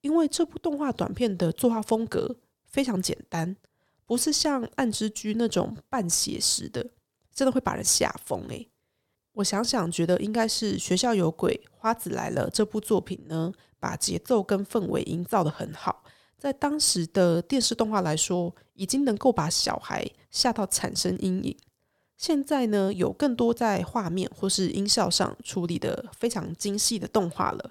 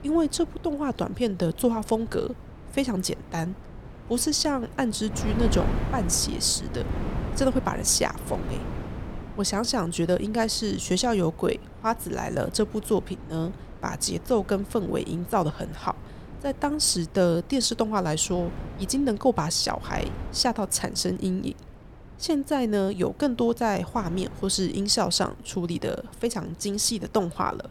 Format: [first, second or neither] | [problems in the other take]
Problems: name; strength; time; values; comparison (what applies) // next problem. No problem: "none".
first | wind noise on the microphone; occasional gusts; 15 dB below the speech